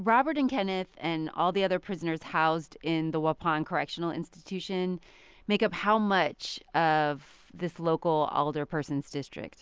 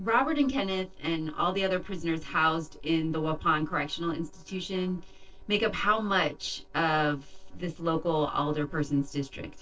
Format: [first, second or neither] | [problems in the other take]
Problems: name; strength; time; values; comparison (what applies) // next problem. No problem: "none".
first | noise reduction (neural separator model SepFormer DNS4)